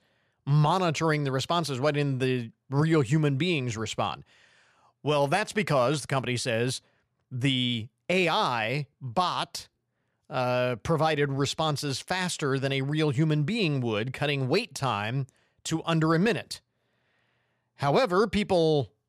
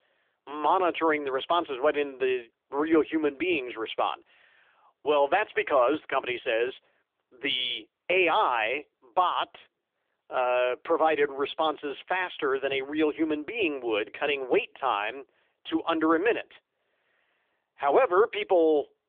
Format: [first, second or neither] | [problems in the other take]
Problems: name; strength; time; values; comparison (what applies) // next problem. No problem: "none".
first | phone-call audio; nothing above 3.5 kHz